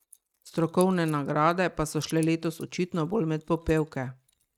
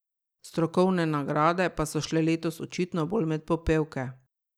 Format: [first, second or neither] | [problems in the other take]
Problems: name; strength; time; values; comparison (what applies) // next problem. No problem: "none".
second | noise reduction (neural mask model RNNoise)